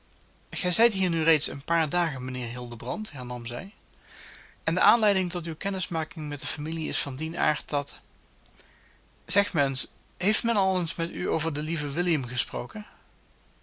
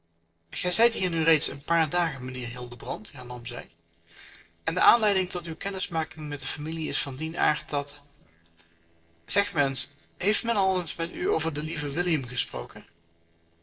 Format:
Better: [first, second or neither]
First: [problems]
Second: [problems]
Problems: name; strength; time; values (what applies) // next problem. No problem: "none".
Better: first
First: none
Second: noise reduction (neural separator model SepFormer DNS4)